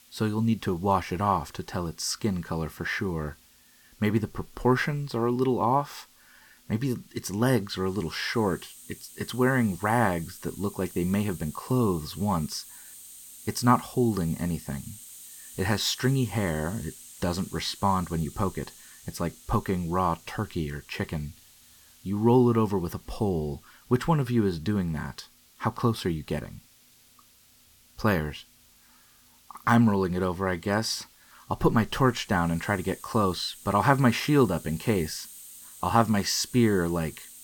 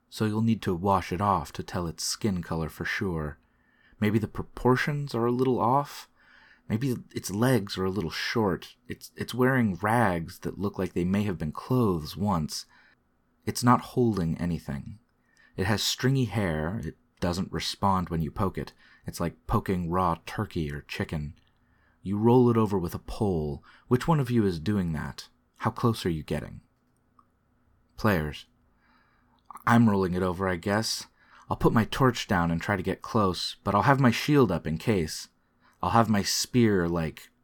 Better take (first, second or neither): second